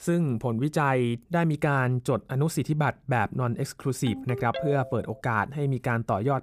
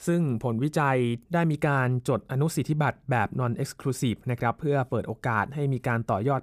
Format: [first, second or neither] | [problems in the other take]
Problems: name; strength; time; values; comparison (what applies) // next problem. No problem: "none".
second | phone ringing; noticeable; at 4 s; peak 8 dB below the speech